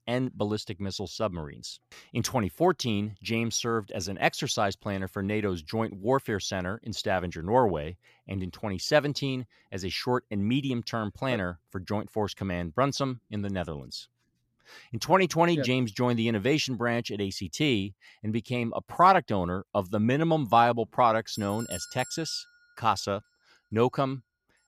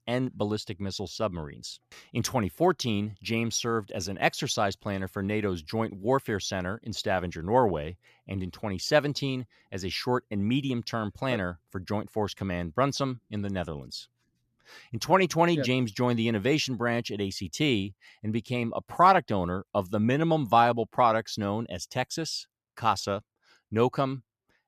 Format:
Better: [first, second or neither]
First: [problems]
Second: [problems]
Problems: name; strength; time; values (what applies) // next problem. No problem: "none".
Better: second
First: doorbell; faint; at 21 s; peak 10 dB below the speech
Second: none